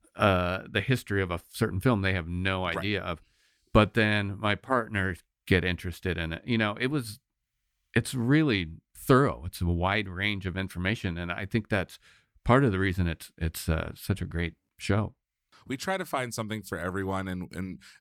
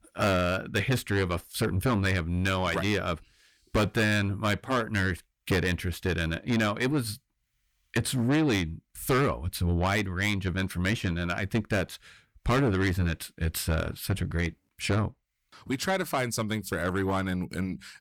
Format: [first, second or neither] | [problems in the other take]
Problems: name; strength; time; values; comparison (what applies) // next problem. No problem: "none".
first | distortion; heavy; 6 dB below the speech